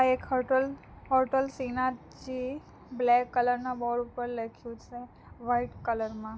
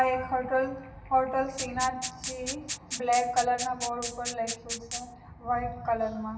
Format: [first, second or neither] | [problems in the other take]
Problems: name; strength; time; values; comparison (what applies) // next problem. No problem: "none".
first | background sound (Rattle (instrument)); 7 dB below the speech // room echo; dies away in 0.8 s